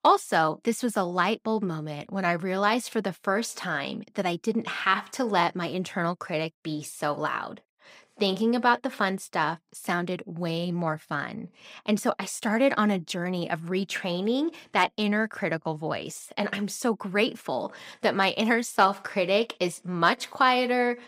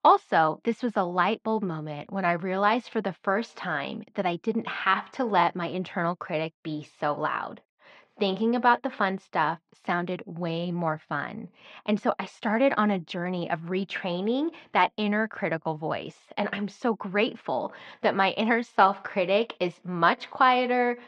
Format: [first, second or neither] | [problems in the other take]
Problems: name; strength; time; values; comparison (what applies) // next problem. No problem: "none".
first | muffled; slightly; fading above 3.5 kHz